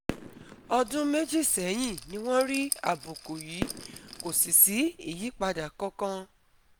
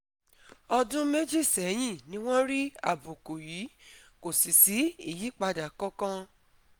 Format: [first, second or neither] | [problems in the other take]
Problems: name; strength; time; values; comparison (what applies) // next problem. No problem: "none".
second | background sound (Fireworks + Rattle); 12 dB below the speech